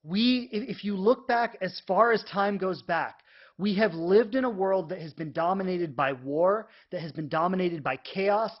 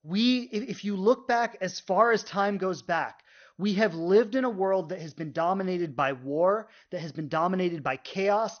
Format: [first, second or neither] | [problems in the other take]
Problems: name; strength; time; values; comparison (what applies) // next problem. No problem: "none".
second | garbled, watery; badly; nothing above 5.5 kHz; slightly in the second